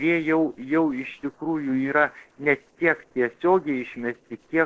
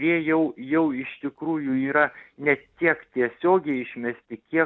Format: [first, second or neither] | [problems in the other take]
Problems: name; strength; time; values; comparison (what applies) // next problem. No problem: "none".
second | noise reduction (neural separator model SepFormer DNS4)